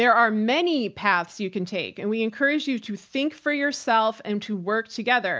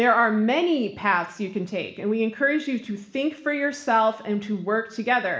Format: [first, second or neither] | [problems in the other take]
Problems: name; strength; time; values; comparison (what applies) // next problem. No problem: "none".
first | room echo; dies away in 0.7 s